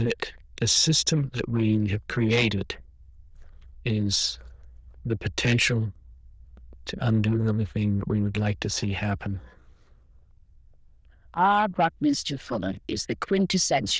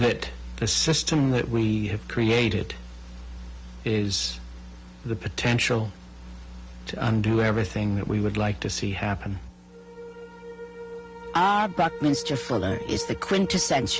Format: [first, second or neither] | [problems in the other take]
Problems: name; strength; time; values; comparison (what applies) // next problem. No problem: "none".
second | noise reduction (neural diffusion model UNIVERSE++)